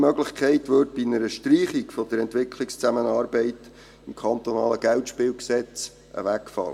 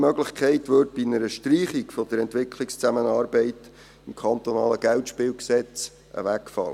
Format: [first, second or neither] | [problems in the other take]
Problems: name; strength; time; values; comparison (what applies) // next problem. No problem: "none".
second | room echo; dies away in 0.2 s